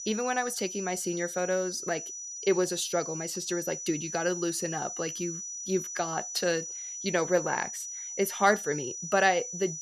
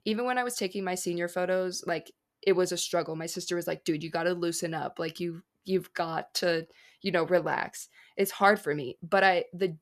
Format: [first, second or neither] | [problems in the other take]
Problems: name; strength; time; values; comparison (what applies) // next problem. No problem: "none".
second | high-pitched whine; loud; throughout; 6 kHz, 6 dB below the speech